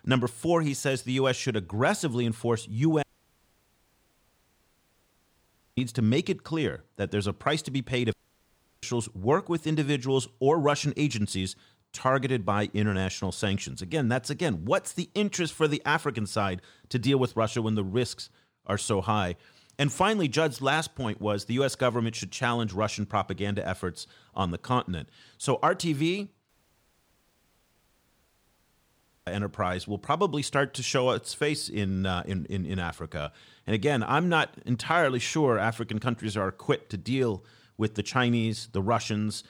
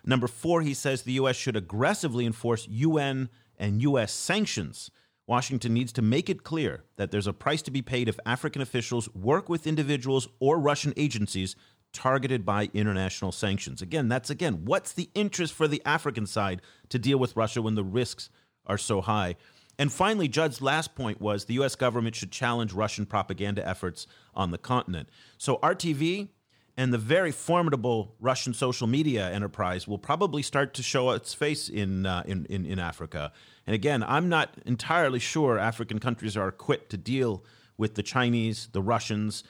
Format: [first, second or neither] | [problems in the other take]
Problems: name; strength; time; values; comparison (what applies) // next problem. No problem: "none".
second | audio cutting out; at 3 s for 2.5 s, at 8 s for 0.5 s and at 26 s for 3 s